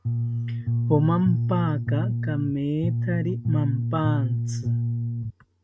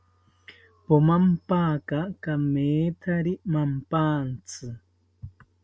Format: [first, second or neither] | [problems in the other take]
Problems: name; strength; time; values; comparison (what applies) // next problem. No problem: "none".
second | background sound (Bass guitar); 2 dB above the speech